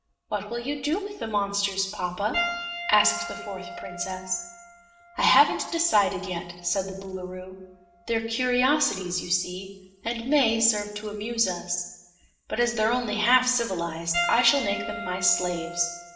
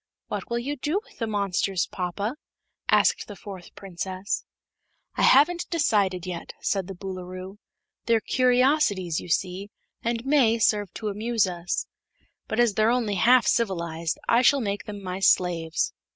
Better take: second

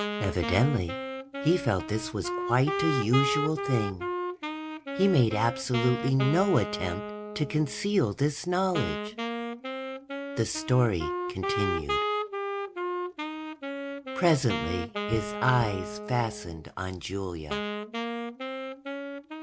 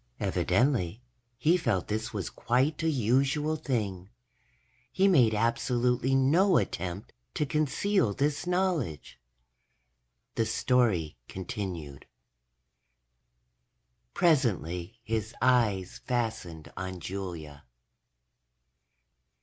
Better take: second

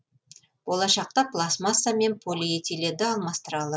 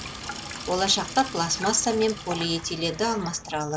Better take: first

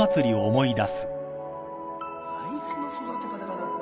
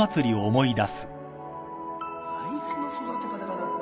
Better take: second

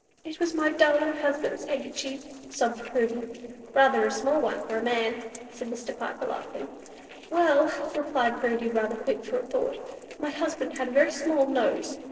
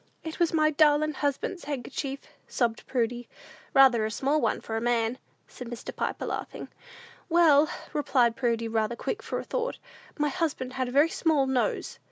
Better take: second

